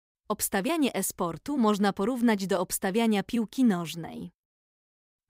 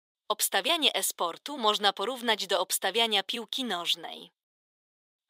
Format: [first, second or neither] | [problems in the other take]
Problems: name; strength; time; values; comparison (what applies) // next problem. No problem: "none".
first | thin; very; fading below 600 Hz